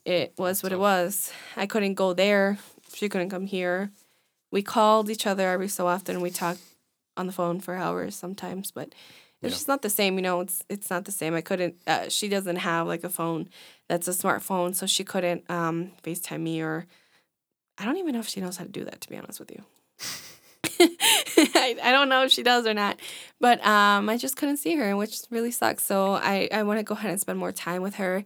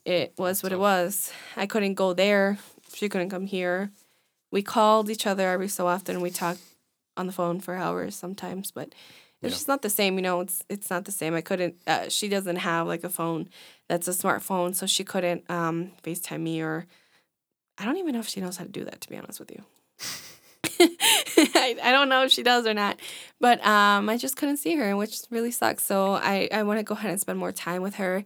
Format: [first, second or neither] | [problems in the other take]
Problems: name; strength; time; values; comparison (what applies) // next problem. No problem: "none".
neither | none